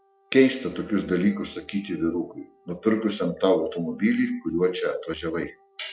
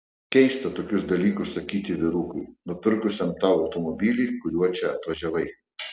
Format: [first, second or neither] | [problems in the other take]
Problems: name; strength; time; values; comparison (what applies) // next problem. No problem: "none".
second | noise reduction (classical method log-MMSE)